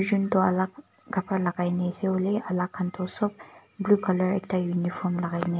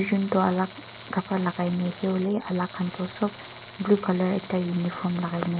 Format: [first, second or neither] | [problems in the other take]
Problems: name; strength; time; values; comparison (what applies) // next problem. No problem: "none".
first | background sound (Tools); 17 dB below the speech